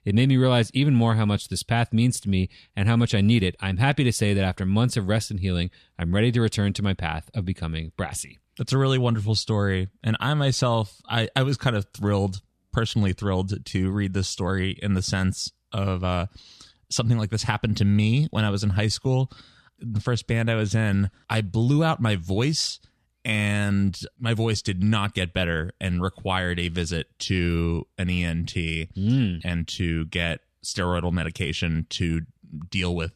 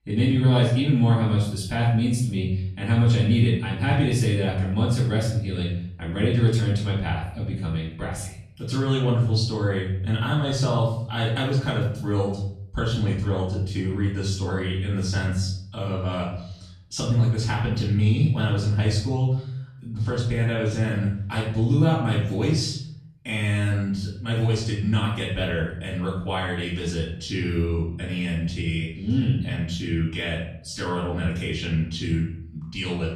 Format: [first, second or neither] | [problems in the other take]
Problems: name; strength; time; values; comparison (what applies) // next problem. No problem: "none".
first | room echo; noticeable; dies away in 0.7 s // off-mic speech; far